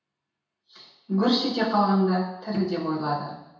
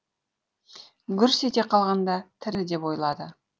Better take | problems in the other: second | room echo; dies away in 0.9 s

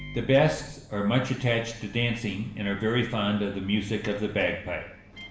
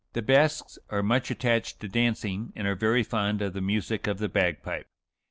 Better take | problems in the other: second | background sound (Microwave oven); 20 dB below the speech // room echo; dies away in 0.8 s

